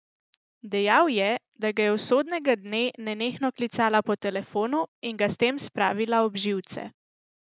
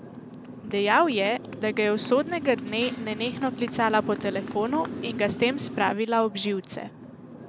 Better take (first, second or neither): first